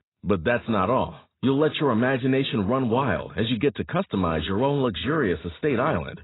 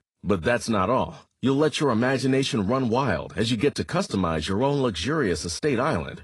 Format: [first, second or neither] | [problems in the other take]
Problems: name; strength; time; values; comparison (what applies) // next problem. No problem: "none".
second | garbled, watery; badly; nothing above 4 kHz; slightly in the second